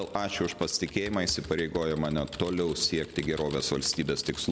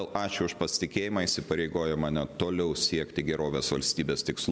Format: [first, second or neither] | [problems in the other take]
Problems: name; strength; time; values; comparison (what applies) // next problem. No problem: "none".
second | background sound (Typing); 17 dB below the speech